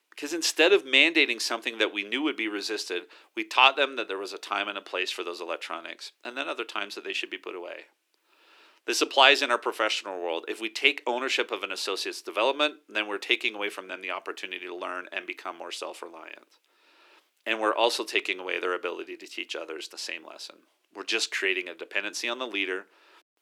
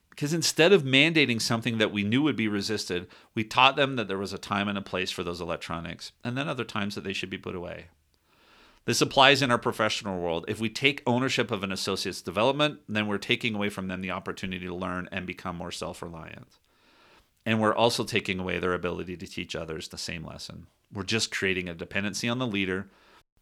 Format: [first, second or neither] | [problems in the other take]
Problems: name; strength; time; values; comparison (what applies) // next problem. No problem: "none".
second | thin; somewhat; fading below 300 Hz